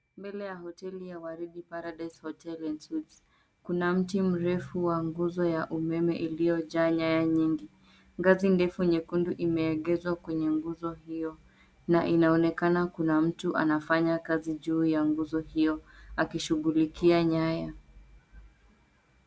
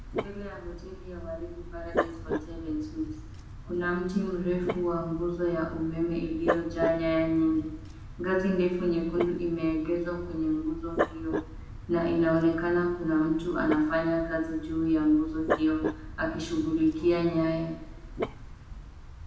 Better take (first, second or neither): first